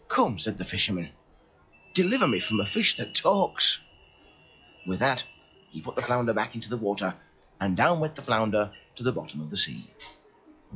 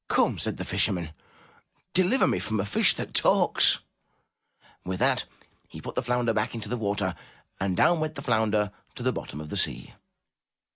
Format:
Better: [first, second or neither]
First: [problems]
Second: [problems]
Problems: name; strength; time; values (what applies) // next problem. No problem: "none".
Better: second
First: noise reduction (classical method log-MMSE)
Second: none